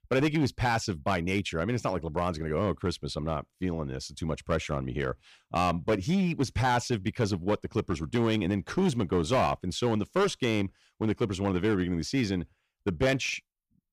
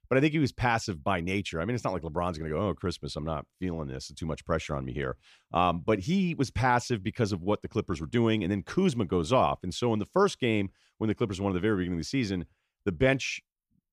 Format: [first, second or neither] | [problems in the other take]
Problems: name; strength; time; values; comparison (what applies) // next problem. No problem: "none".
second | distortion; slight; 7% of the sound clipped